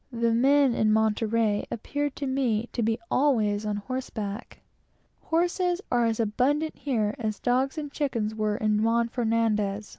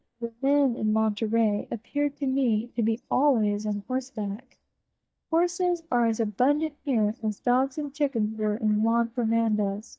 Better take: first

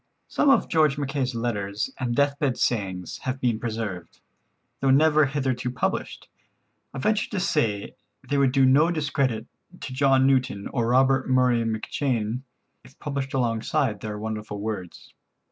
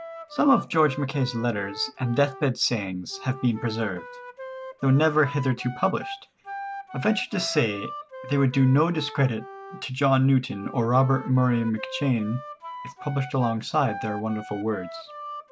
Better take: first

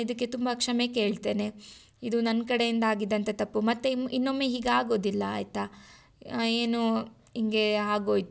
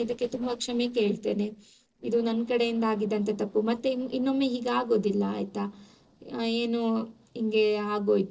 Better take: first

